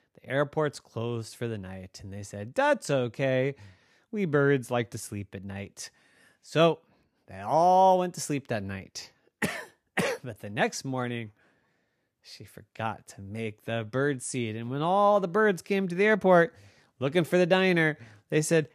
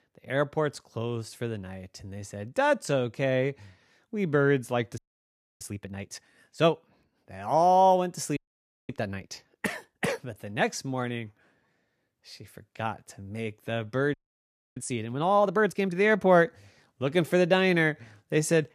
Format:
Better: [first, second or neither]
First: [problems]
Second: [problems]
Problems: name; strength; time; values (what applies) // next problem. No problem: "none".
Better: first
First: none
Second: audio freezing; at 5 s for 0.5 s, at 8.5 s for 0.5 s and at 14 s for 0.5 s